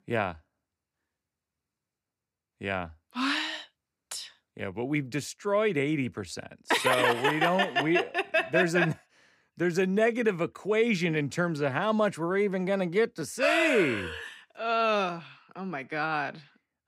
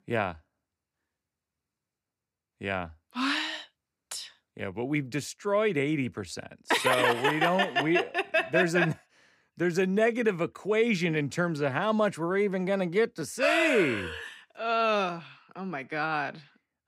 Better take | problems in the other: neither | none

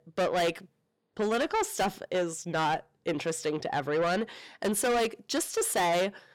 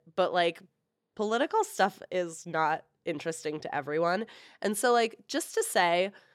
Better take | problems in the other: second | distortion; heavy; 7 dB below the speech

